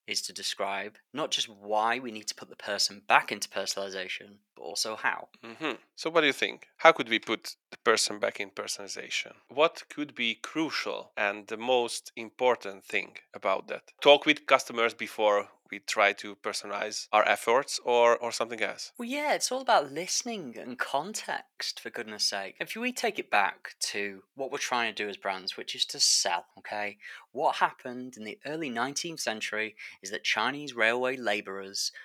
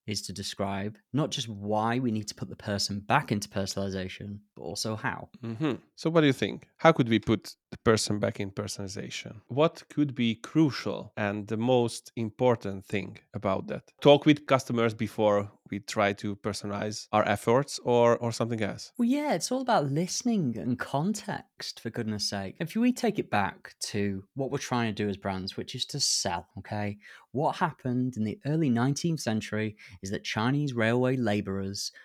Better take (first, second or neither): second